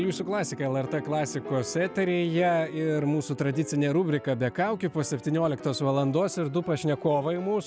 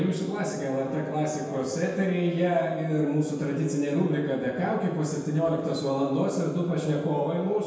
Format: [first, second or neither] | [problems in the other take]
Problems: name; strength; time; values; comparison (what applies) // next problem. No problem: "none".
first | room echo; dies away in 1.1 s